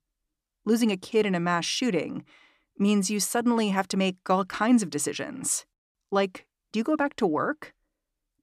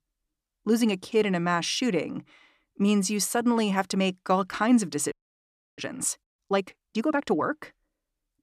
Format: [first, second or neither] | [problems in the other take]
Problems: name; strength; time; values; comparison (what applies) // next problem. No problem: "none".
first | audio freezing; at 5 s for 0.5 s